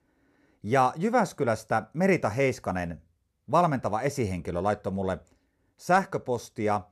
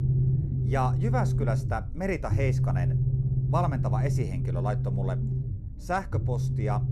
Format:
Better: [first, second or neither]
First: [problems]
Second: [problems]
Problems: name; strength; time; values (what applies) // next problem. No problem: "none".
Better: first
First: none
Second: low rumble; loud; throughout; 6 dB below the speech